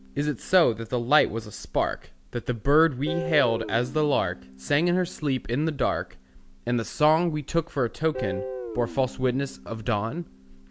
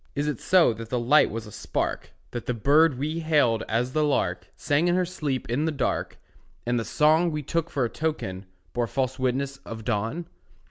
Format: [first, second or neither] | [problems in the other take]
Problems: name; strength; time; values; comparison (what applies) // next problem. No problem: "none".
second | background sound (Guitar); 14 dB below the speech